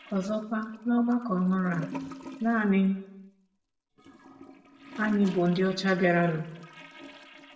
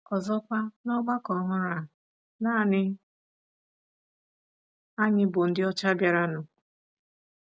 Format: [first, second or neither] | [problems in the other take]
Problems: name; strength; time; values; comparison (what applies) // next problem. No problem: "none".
second | background sound (Toilet flush / Gurgling); 17 dB below the speech // room echo; dies away in 0.7 s